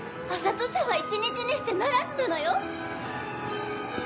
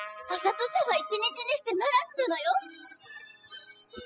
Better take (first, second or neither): first